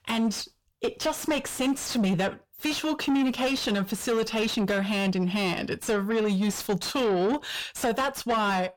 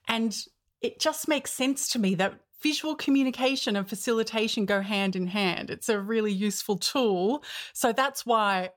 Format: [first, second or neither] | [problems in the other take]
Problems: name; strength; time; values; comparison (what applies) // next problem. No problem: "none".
second | distortion; heavy; 7 dB below the speech